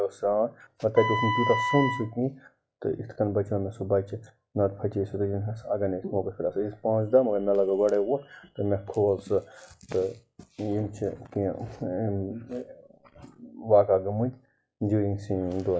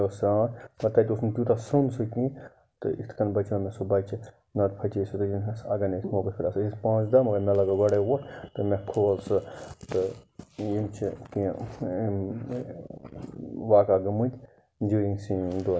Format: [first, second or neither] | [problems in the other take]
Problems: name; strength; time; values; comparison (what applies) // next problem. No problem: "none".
second | noise reduction (classical method log-MMSE)